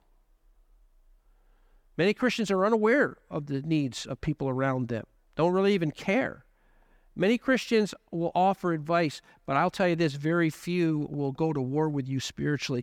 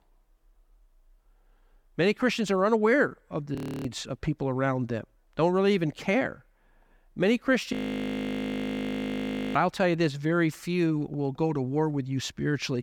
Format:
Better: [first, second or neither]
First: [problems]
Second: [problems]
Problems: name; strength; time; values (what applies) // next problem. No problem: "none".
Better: first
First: none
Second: audio freezing; at 3.5 s and at 7.5 s for 2 s